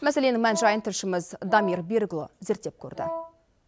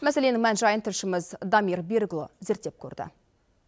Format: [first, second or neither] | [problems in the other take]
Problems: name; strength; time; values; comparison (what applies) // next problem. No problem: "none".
second | background sound (Wind instrument, woodwind instrument); 9 dB below the speech